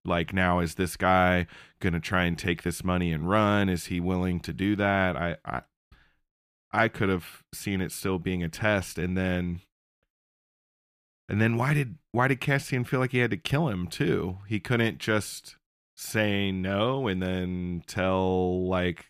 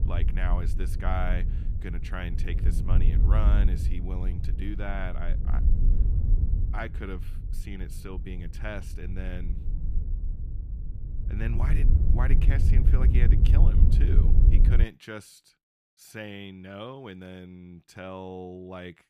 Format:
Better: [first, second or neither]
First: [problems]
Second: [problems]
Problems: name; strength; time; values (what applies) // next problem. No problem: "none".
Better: first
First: none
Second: wind noise on the microphone; heavy; until 15 s; 4 dB below the speech